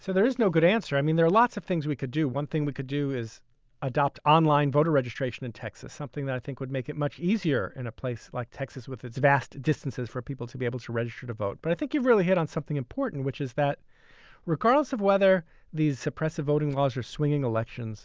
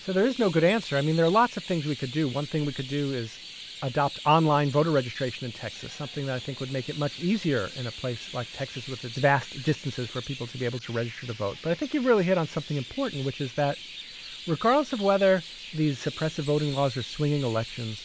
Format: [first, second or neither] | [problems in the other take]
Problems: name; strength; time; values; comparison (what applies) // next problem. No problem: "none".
first | background sound (Chirp, tweet); 15 dB below the speech